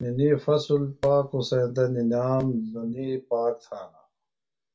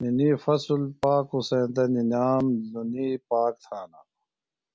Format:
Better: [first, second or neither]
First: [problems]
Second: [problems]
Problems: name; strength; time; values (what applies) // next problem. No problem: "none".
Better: second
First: room echo; dies away in 0.2 s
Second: none